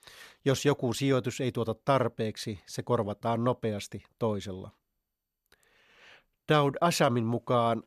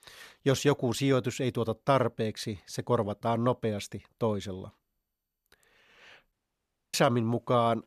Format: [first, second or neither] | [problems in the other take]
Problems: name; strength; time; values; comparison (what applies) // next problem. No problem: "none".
first | audio cutting out; at 6.5 s for 0.5 s